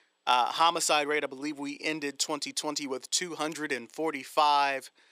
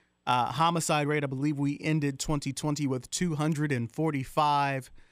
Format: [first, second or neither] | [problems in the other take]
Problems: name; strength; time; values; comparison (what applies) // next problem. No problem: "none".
second | thin; somewhat; fading below 400 Hz